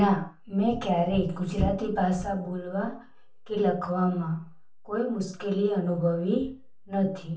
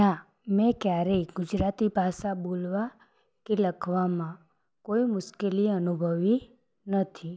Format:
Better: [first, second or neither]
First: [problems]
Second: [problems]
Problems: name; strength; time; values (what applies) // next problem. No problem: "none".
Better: second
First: room echo; dies away in 0.3 s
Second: none